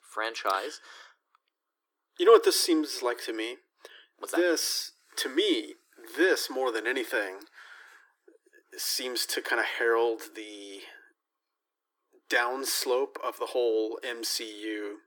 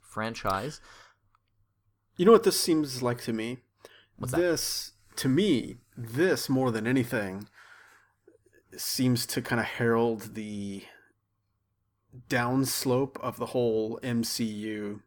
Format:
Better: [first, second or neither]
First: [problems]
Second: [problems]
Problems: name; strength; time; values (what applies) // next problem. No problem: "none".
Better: second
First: thin; very; fading below 300 Hz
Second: none